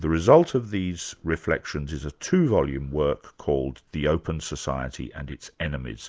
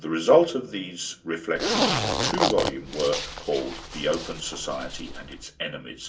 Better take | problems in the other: first | background sound (Zipper (clothing)); 2 dB below the speech // room echo; dies away in 0.2 s

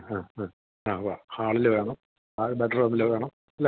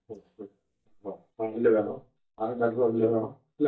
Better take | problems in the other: first | noise reduction (neural mask model DeepFilterNet 3)

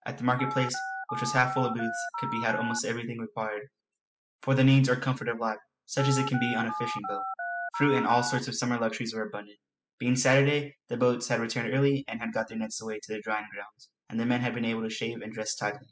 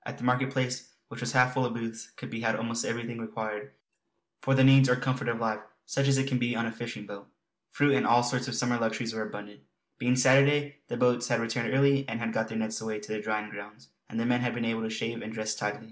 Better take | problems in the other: second | noise reduction (classical method spectral subtraction)

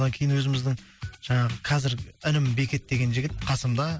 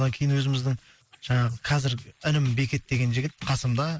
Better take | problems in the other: first | noise reduction (neural mask model Resemble Enhance denoiser)

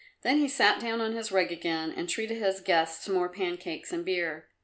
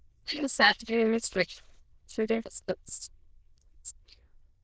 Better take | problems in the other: first | noise reduction (neural diffusion model UNIVERSE++)

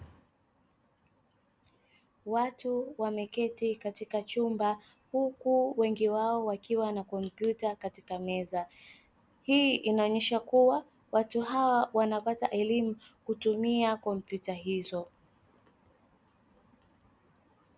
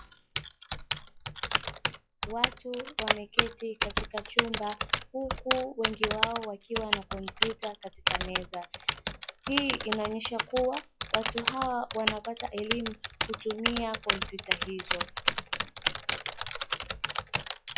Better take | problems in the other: first | noise reduction (classical method log-MMSE)

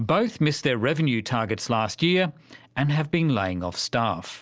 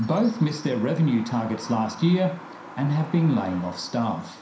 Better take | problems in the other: first | background sound (Bird vocalization, bird call, bird song); 17 dB below the speech // room echo; dies away in 0.5 s

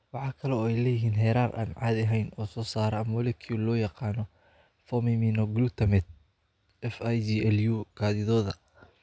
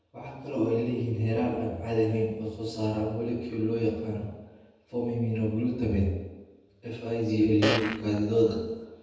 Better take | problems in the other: first | background sound (Fart); 4 dB below the speech // room echo; dies away in 1.1 s

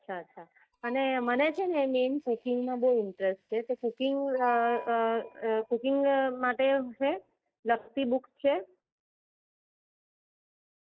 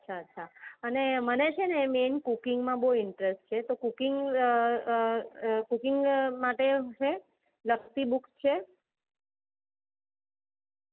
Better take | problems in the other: second | noise reduction (neural mask model DeepFilterNet 3)

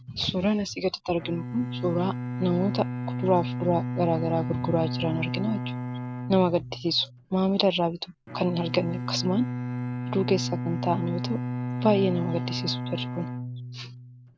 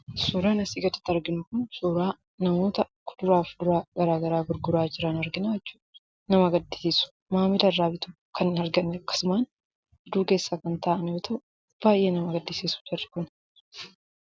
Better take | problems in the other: second | background sound (Bowed string instrument); 5 dB below the speech

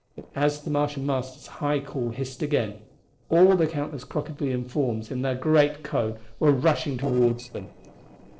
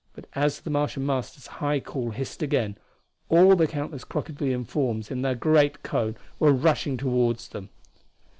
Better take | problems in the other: second | noise reduction (neural separator model SepFormer DNS4)

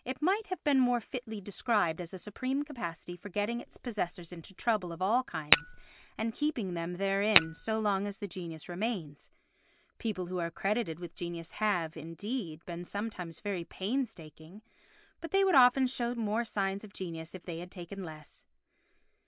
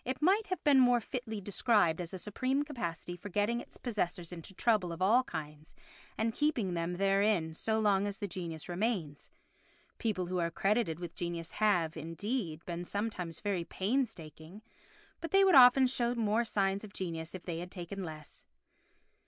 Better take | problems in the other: second | background sound (Tap / Glass); 3 dB above the speech

